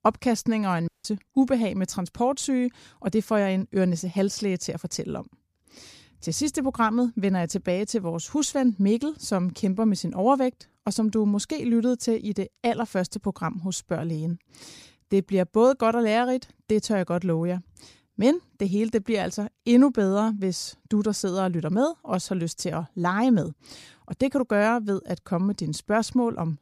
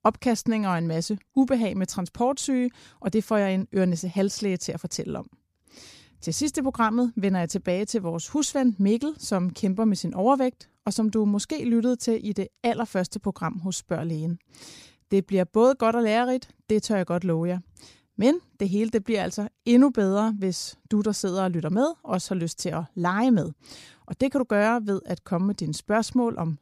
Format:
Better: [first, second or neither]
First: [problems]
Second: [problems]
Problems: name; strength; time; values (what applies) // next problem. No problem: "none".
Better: second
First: audio cutting out; at 1 s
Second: none